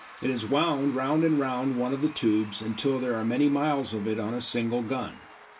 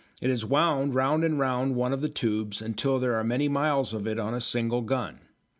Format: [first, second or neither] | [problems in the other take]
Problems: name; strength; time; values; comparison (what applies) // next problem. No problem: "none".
second | background sound (Applause / Crowd / Cheering); 20 dB below the speech // room echo; dies away in 0.2 s